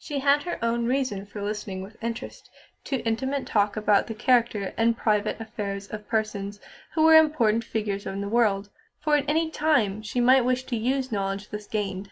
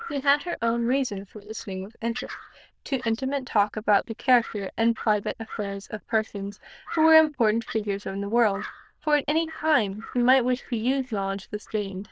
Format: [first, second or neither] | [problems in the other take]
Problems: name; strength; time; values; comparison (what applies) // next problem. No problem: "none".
first | noise reduction (neural diffusion model UNIVERSE++)